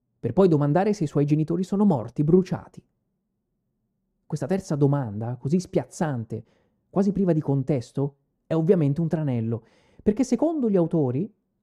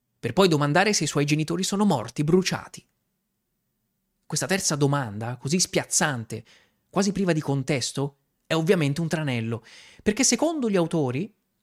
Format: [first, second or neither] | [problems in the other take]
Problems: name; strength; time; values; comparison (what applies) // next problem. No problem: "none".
second | muffled; very; fading above 1 kHz